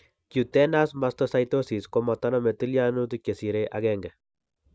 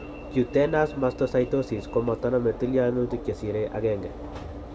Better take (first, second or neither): first